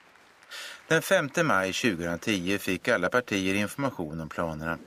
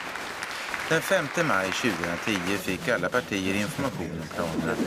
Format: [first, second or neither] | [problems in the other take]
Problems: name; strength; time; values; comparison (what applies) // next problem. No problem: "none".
first | crowd noise; loud; throughout; 5 dB below the speech; faint in the first